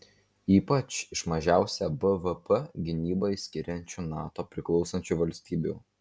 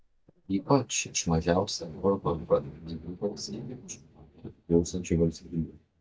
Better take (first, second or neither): first